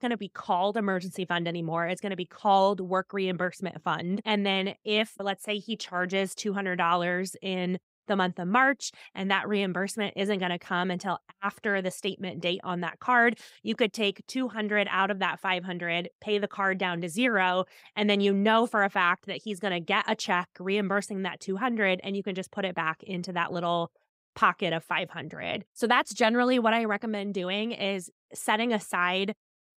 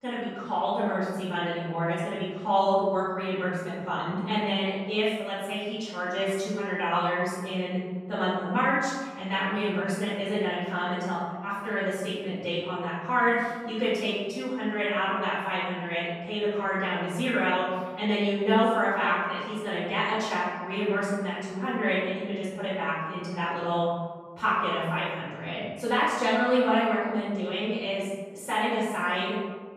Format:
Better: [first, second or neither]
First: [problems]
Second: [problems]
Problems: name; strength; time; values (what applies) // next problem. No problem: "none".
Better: first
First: none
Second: off-mic speech; far // room echo; strong; dies away in 1.3 s